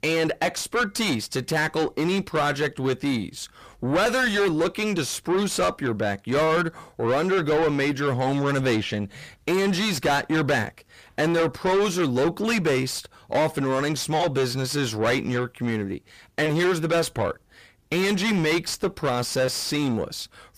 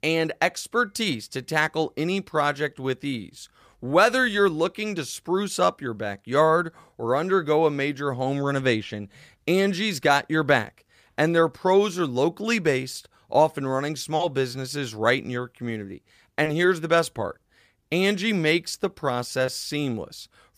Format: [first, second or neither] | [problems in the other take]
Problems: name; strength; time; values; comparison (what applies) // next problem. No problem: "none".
second | distortion; heavy; 5 dB below the speech